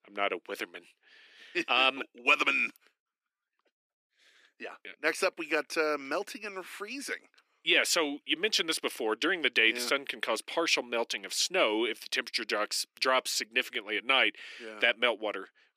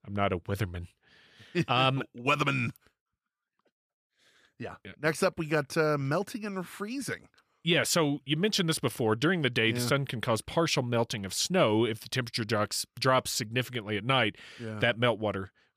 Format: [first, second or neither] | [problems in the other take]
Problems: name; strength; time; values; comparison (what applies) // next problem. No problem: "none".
second | thin; somewhat; fading below 300 Hz